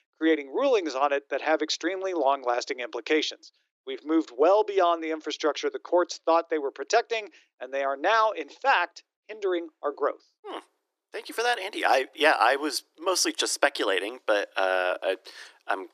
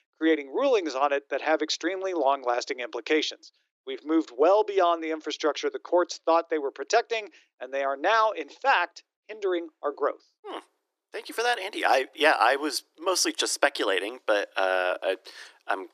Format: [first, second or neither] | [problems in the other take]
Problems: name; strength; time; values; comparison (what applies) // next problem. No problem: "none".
neither | thin; very; fading below 300 Hz; the same in both